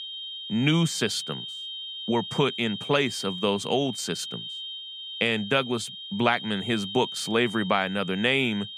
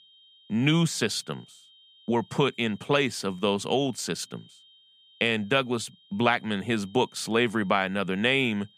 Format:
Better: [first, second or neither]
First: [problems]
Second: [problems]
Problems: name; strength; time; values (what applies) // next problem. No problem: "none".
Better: second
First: high-pitched whine; loud; throughout; 3 kHz, 9 dB below the speech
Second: high-pitched whine; faint; throughout; 3 kHz, 30 dB below the speech